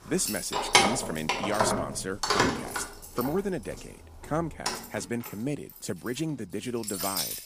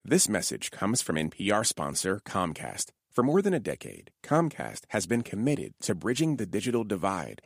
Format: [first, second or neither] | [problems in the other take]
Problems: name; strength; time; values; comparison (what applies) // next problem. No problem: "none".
second | household noises; very loud; throughout; 5 dB above the speech